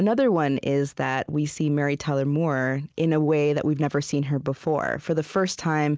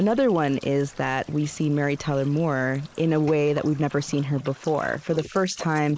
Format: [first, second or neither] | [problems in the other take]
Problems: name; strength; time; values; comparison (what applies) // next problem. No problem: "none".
first | noise reduction (neural mask model Resemble Enhance denoiser)